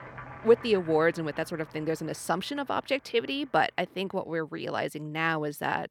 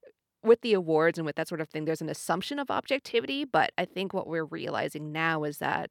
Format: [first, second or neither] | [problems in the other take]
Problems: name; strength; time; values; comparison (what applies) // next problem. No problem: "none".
second | household noises; noticeable; throughout; 20 dB below the speech